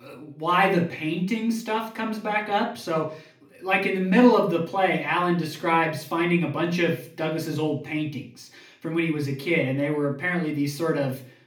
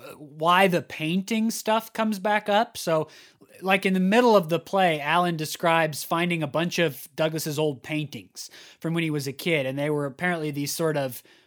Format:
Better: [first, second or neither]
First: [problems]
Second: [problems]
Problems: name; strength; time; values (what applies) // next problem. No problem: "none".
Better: second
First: room echo; slight; dies away in 0.5 s // off-mic speech; far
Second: none